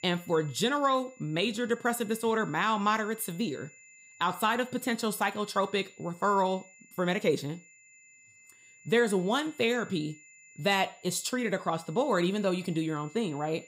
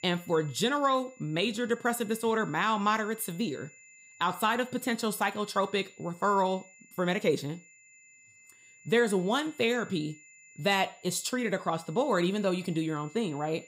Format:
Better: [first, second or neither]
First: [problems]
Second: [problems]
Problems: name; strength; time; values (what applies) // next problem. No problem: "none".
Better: neither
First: high-pitched whine; faint; throughout; 2 kHz, 25 dB below the speech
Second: high-pitched whine; faint; throughout; 2 kHz, 25 dB below the speech